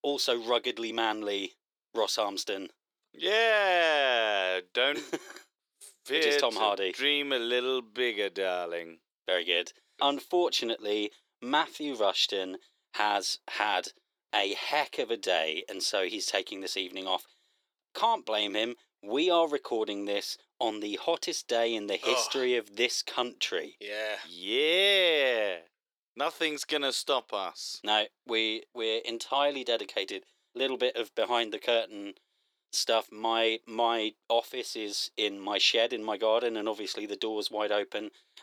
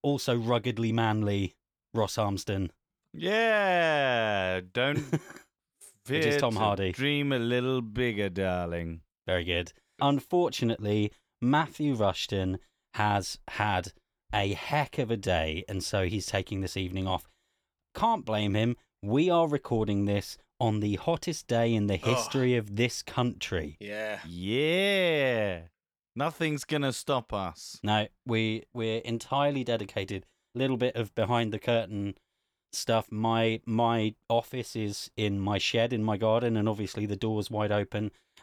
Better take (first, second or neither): second